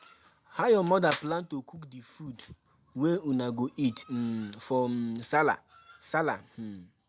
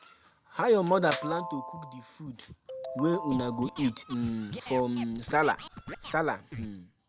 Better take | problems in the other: first | background sound (Ringtone + Scratching (performance technique)); 11 dB below the speech

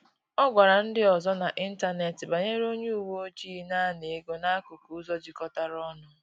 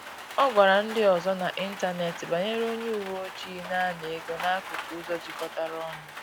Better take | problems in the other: first | background sound (Rain); 11 dB below the speech

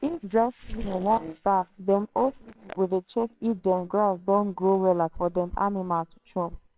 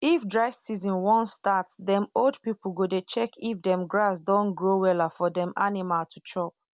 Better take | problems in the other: second | noise reduction (neural separator model SepFormer WHAMR!)

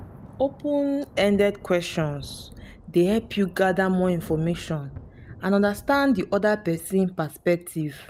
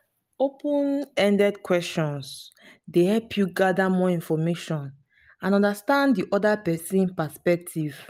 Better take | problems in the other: second | background sound (Thunder / Rain); 20 dB below the speech

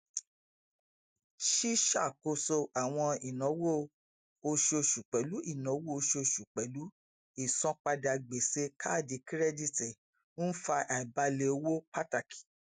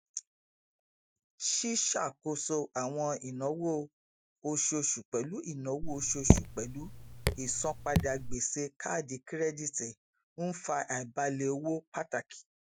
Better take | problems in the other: first | background sound (Raindrop / Drip); 4 dB above the speech

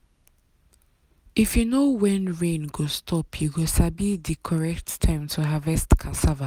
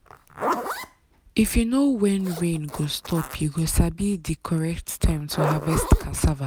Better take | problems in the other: first | background sound (Zipper (clothing)); 10 dB below the speech

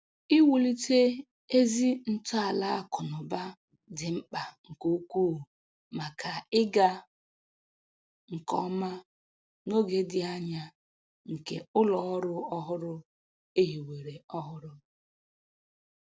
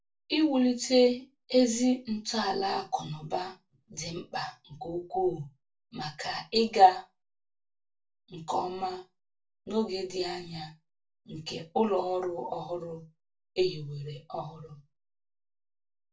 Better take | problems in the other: first | room echo; dies away in 0.2 s

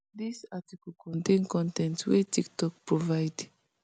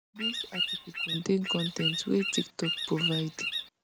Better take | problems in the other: first | background sound (Bird vocalization, bird call, bird song); 1 dB below the speech

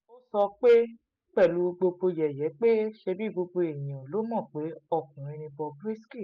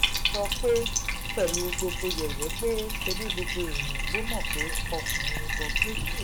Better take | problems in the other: first | background sound (Bathtub (filling or washing)); 4 dB above the speech

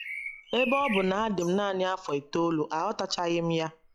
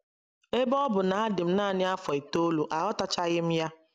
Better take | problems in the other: second | noise reduction (classical method log-MMSE)

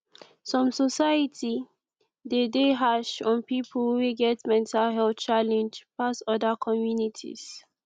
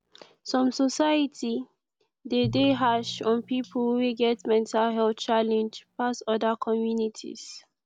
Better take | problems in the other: first | background sound (Drum); 19 dB below the speech

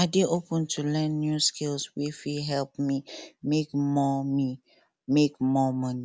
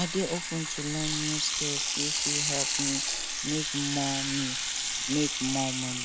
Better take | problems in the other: first | background sound (Sink (filling or washing) / Water tap, faucet); 2 dB above the speech

